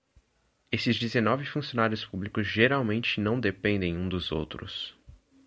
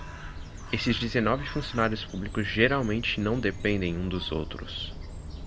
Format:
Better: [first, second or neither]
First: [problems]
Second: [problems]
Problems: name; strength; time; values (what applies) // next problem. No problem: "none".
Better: first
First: none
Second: background sound (Bird); 9 dB below the speech